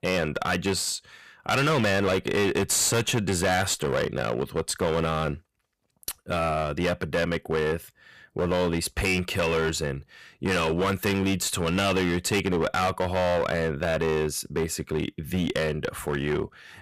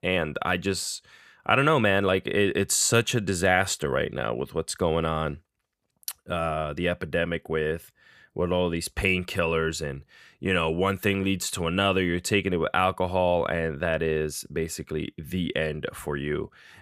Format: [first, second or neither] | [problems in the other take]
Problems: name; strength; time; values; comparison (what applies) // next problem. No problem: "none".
second | distortion; heavy; 14% of the sound clipped